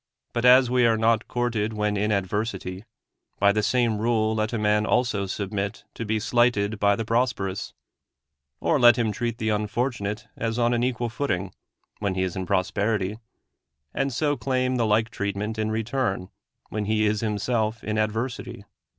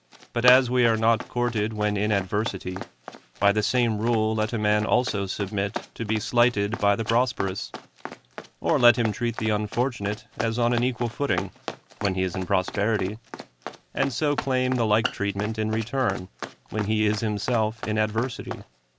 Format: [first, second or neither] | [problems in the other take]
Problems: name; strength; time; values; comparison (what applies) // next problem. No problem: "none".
first | background sound (Run); 12 dB below the speech